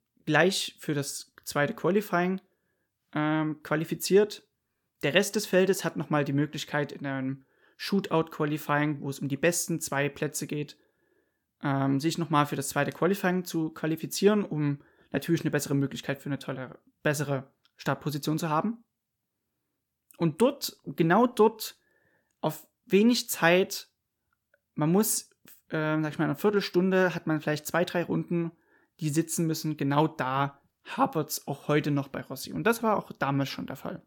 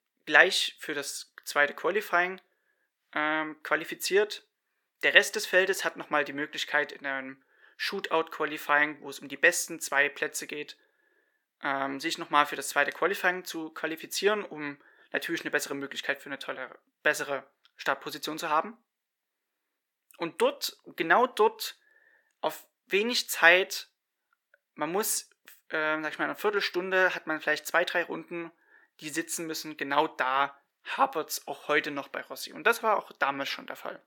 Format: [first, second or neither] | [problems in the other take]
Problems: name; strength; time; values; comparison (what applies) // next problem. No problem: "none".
first | thin; very; fading below 500 Hz